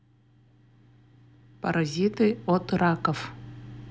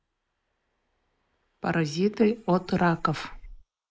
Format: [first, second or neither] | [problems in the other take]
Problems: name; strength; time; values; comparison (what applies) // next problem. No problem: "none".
first | noise reduction (neural mask model Resemble Enhance denoiser)